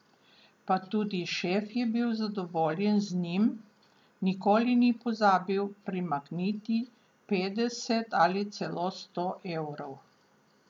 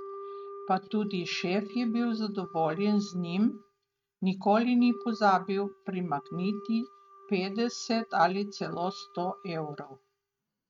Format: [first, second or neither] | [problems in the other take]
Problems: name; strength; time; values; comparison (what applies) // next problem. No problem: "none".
first | noise reduction (neural mask model RNNoise)